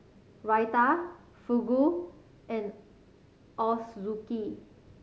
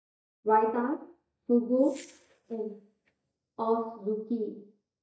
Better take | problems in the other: first | noise reduction (neural mask model DeepFilterNet 3)

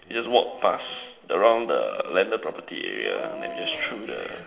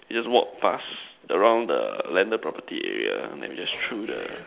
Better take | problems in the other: second | background sound (Dog); 16 dB below the speech // room echo; dies away in 1.6 s

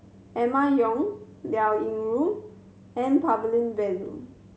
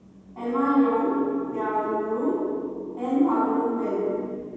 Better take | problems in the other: first | room echo; dies away in 2.1 s

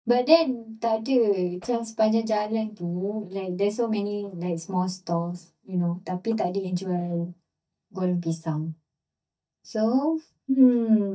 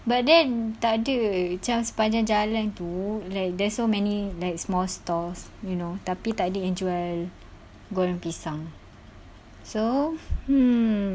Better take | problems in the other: second | noise reduction (neural mask model DeepFilterNet 3)

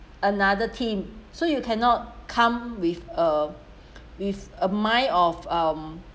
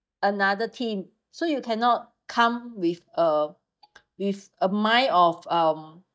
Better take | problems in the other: first | noise reduction (neural mask model DeepFilterNet 3)

